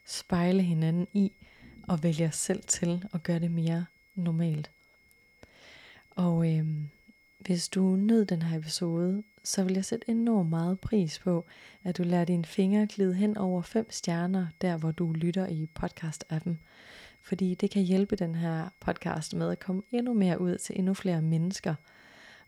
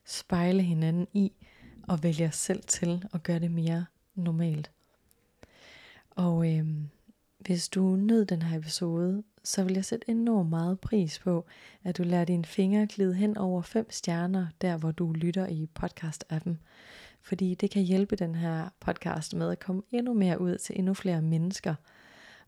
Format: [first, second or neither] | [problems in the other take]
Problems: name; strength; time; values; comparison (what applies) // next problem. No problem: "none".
second | high-pitched whine; faint; throughout; 2 kHz, 30 dB below the speech